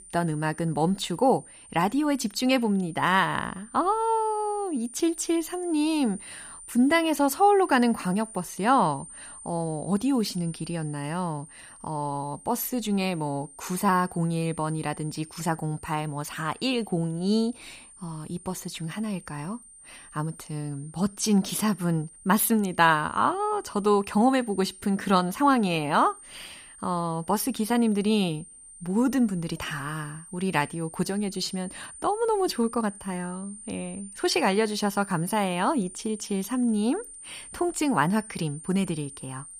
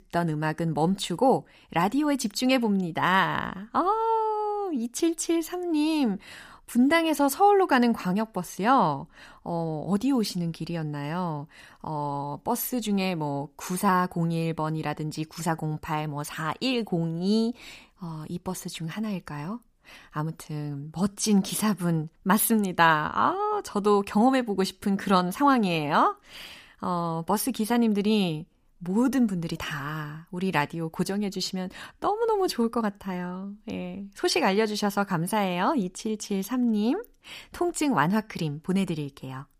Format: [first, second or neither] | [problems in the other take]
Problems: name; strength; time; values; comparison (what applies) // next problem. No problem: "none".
second | high-pitched whine; noticeable; throughout; 9 kHz, 15 dB below the speech